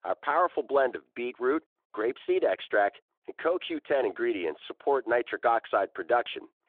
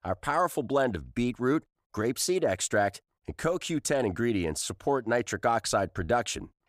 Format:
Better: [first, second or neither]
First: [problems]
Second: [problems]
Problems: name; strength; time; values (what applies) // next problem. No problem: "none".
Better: second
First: phone-call audio; nothing above 3.5 kHz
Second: none